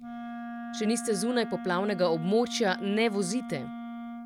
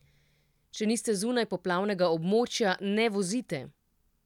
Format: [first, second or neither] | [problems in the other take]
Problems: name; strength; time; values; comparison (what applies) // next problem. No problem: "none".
second | background sound (Wind instrument, woodwind instrument); 9 dB below the speech